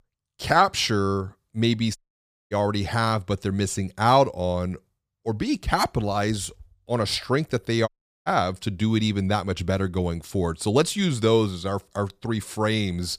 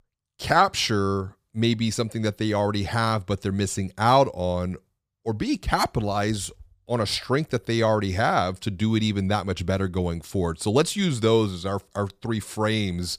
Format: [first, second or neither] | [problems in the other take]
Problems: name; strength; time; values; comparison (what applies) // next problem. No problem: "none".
second | audio cutting out; at 2 s for 0.5 s and at 8 s